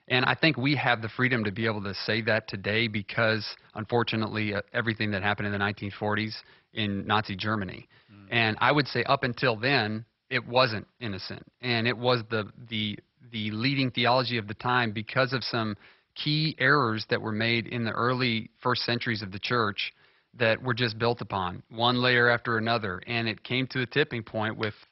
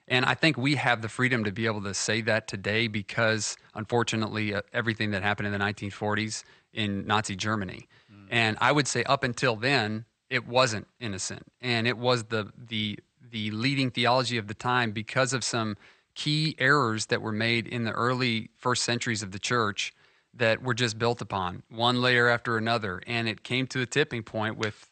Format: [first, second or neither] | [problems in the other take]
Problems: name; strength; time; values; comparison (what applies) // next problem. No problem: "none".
second | garbled, watery; badly; nothing above 5.5 kHz; slightly in the second